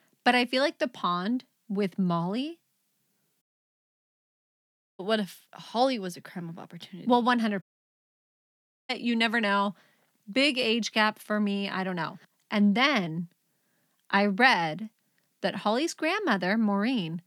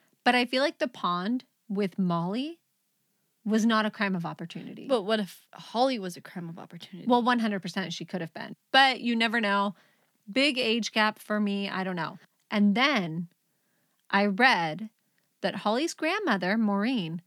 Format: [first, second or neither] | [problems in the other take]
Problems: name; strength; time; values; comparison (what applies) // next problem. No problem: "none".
second | audio cutting out; at 3.5 s for 1.5 s and at 7.5 s for 1.5 s